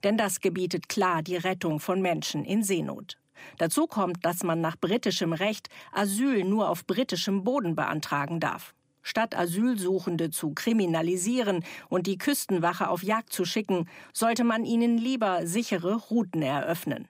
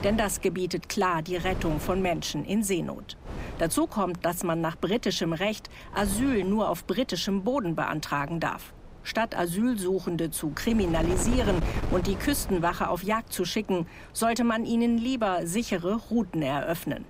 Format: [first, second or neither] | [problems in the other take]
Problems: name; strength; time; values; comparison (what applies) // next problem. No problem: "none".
first | wind noise on the microphone; occasional gusts; 10 dB below the speech